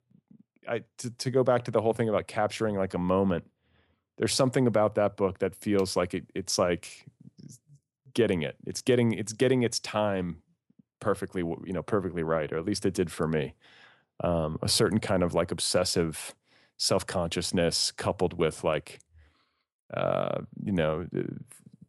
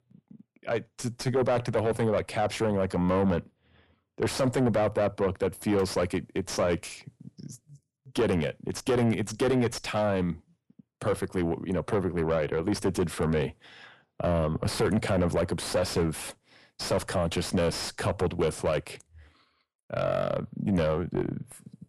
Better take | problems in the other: first | distortion; heavy; 6 dB below the speech

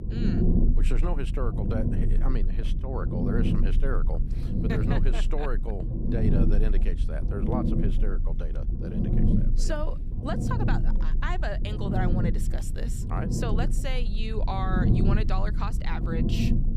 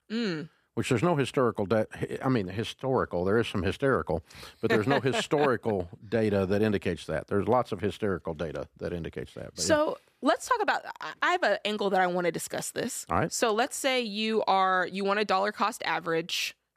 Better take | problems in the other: second | low rumble; loud; throughout; 2 dB below the speech

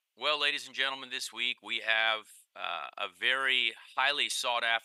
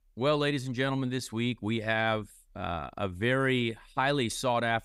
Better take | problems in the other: second | thin; very; fading below 900 Hz

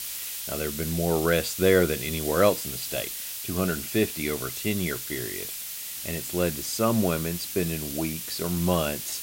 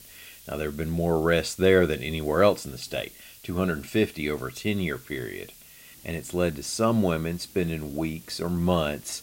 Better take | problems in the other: second | hiss; loud; throughout; 5 dB below the speech; faint in the second

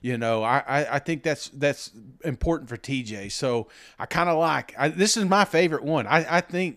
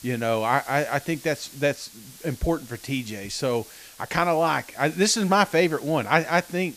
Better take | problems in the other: first | hiss; noticeable; throughout; 20 dB below the speech

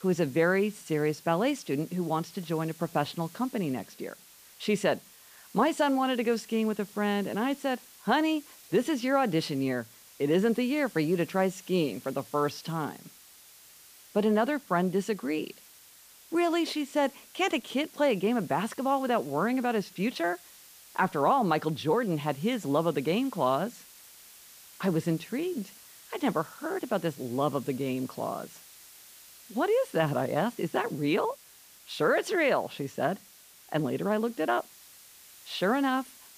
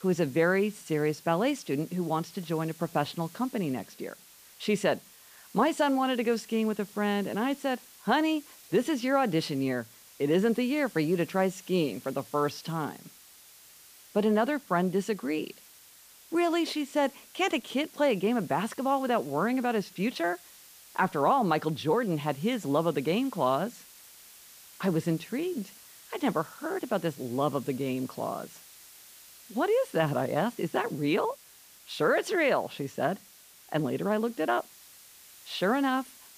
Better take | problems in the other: neither | hiss; faint; throughout; 20 dB below the speech; the same in both

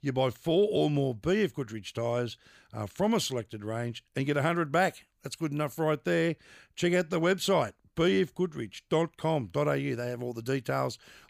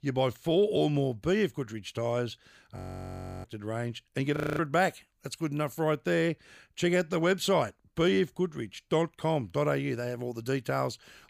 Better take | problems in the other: first | audio freezing; at 3 s for 0.5 s and at 4.5 s

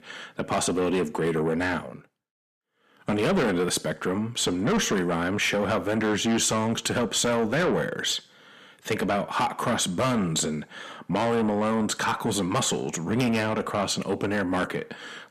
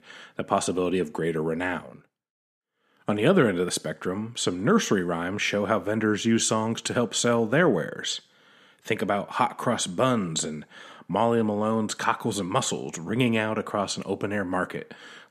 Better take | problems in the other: second | distortion; heavy; 7 dB below the speech

